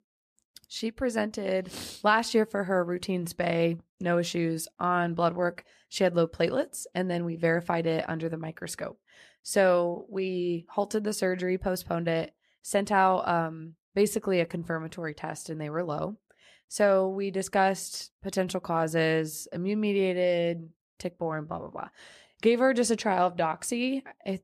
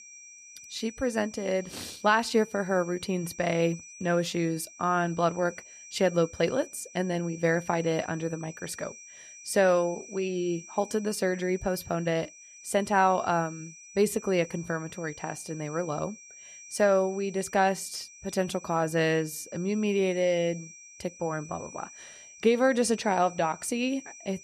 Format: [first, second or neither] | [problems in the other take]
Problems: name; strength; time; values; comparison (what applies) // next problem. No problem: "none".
first | high-pitched whine; noticeable; throughout; 6 kHz, 15 dB below the speech